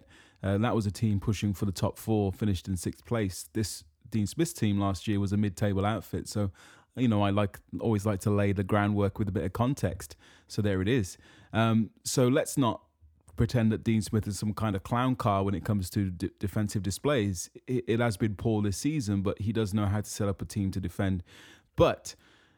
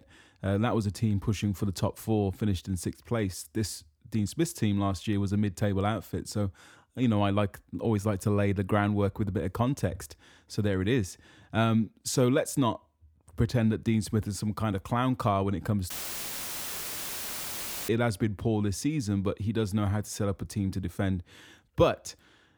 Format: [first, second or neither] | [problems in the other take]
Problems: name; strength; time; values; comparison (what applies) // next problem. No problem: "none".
first | audio cutting out; filled with static; at 16 s for 2 s